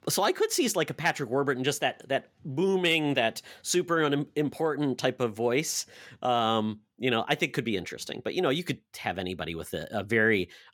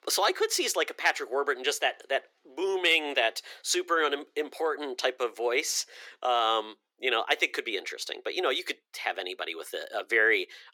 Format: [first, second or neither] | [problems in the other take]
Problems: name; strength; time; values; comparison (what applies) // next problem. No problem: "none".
first | thin; very; fading below 350 Hz